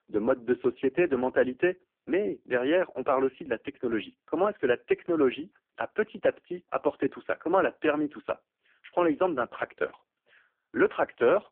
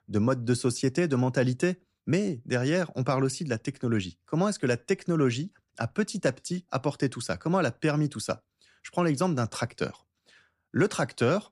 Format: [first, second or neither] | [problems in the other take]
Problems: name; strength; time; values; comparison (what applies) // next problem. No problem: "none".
second | phone-call audio; poor line